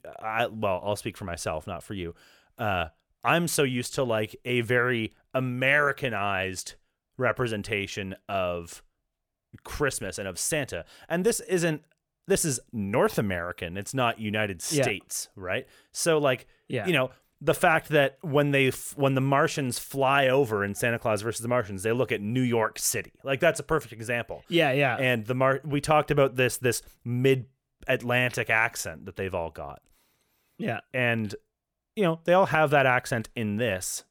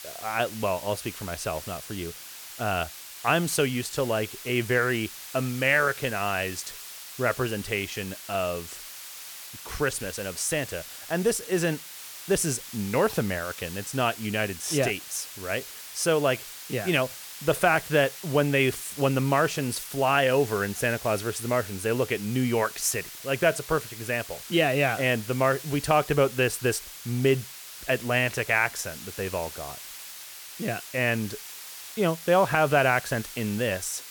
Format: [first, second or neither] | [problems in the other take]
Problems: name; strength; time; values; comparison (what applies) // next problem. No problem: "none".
first | hiss; noticeable; throughout; 10 dB below the speech